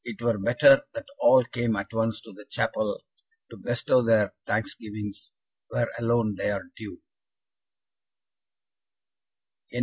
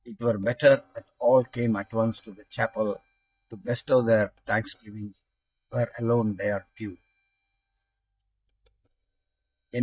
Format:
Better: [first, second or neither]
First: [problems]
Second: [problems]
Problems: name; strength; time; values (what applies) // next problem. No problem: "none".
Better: first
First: none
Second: noise reduction (neural mask model DeepFilterNet 3)